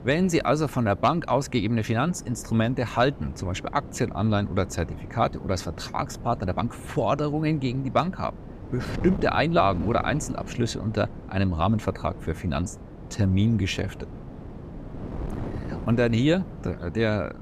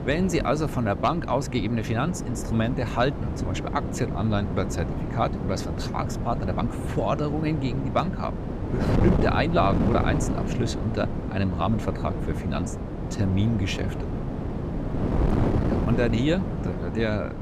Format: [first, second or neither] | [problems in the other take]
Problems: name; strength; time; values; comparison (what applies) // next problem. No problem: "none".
first | wind noise on the microphone; heavy; 6 dB below the speech; occasional gusts in the first